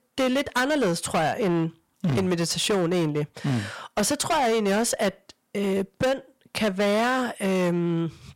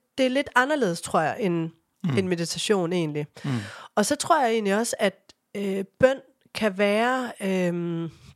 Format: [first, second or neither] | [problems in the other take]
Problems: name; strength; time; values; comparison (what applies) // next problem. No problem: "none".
second | distortion; heavy; 17% of the sound clipped